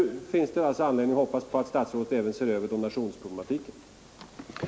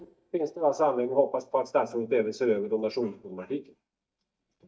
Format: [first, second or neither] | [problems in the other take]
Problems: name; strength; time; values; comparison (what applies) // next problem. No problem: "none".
first | noise reduction (neural mask model DeepFilterNet 3)